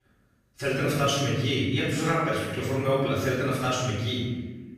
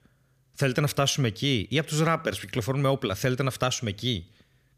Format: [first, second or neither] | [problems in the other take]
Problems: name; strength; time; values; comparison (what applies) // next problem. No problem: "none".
second | off-mic speech; far // room echo; strong; dies away in 1.2 s